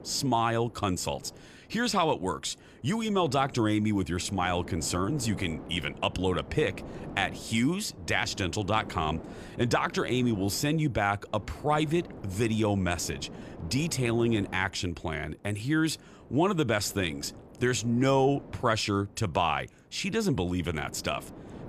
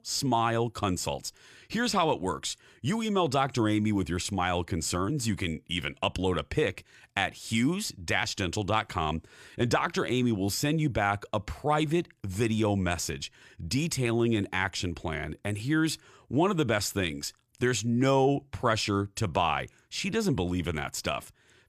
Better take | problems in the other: second | wind noise on the microphone; occasional gusts; 20 dB below the speech

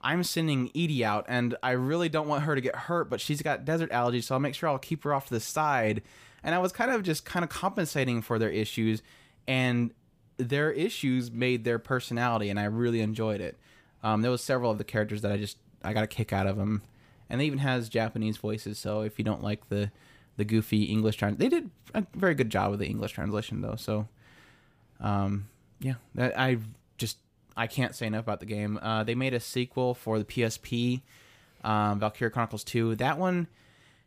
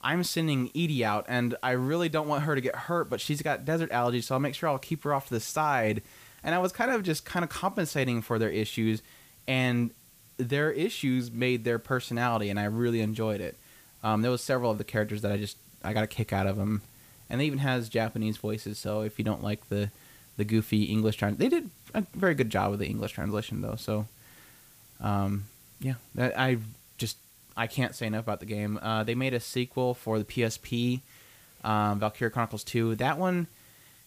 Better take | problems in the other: first | hiss; faint; throughout; 25 dB below the speech

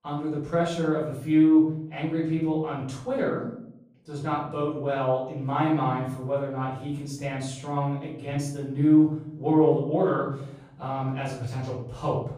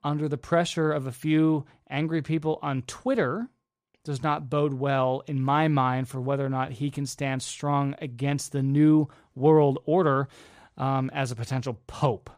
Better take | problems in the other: second | off-mic speech; far // room echo; noticeable; dies away in 0.7 s

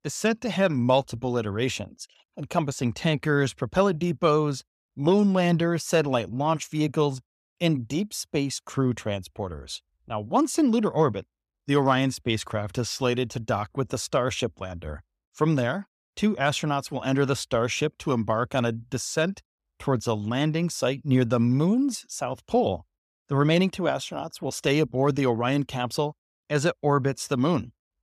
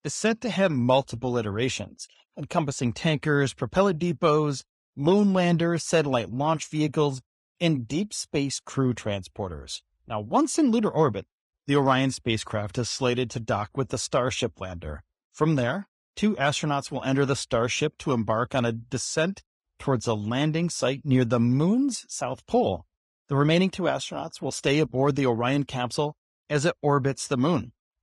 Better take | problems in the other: first | garbled, watery; slightly; nothing above 10 kHz

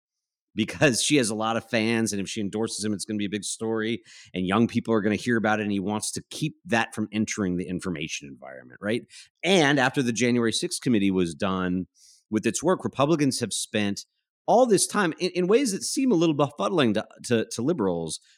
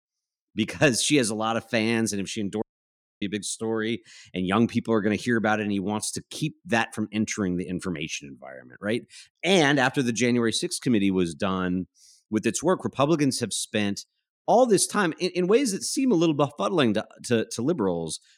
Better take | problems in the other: first | audio cutting out; at 2.5 s for 0.5 s

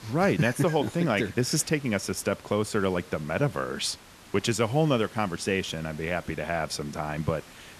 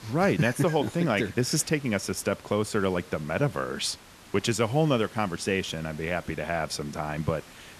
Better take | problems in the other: neither | hiss; faint; throughout; 20 dB below the speech; the same in both

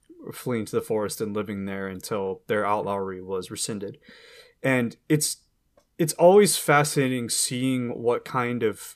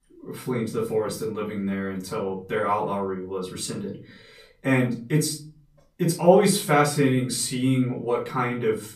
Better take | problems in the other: first | off-mic speech; far // room echo; slight; dies away in 0.4 s

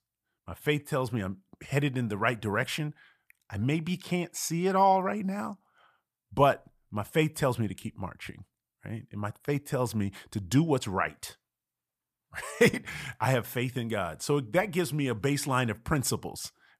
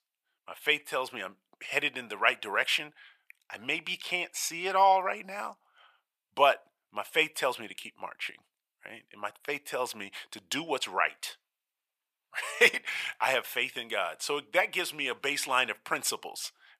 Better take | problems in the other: first | thin; very; fading below 600 Hz

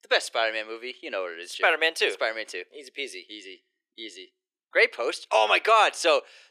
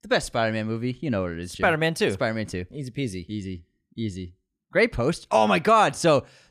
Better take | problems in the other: second | thin; very; fading below 350 Hz

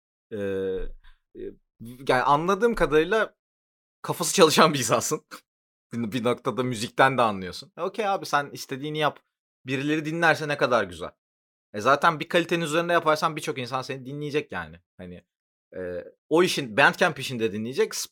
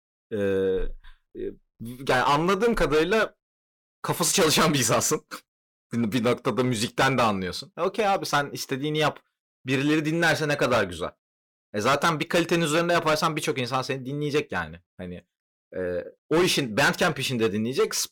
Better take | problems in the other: first | distortion; heavy; 9% of the sound clipped

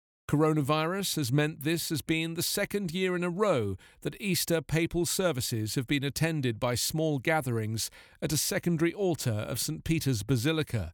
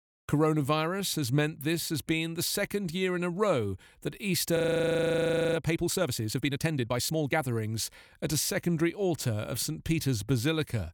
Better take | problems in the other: first | audio freezing; at 4.5 s for 1 s

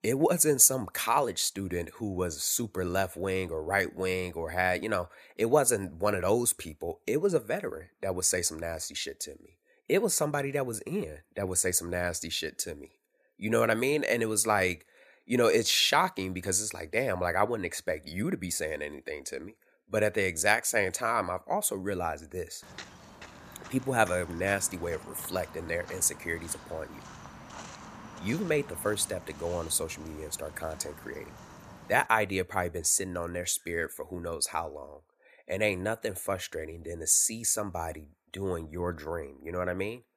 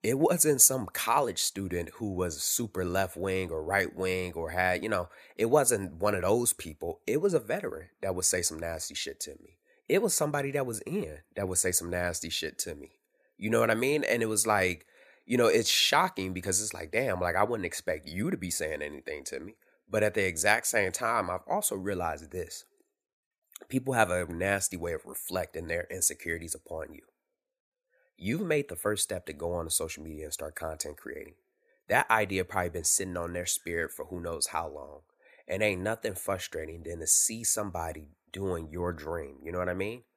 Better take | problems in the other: second | footsteps; faint; from 23 to 32 s; peak 15 dB below the speech

